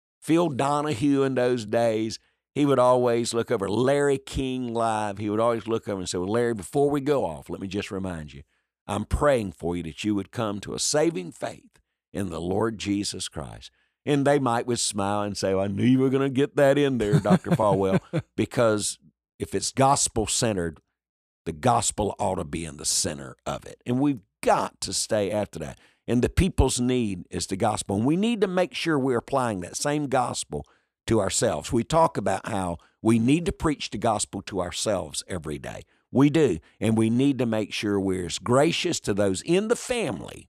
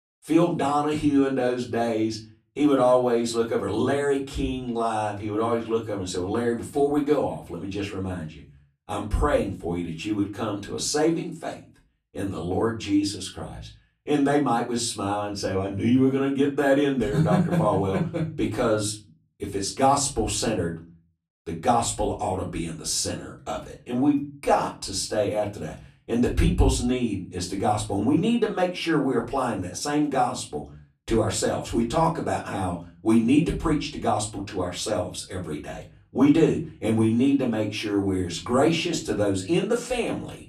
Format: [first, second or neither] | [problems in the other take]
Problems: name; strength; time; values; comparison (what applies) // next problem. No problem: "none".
first | off-mic speech; far // room echo; very slight; dies away in 0.3 s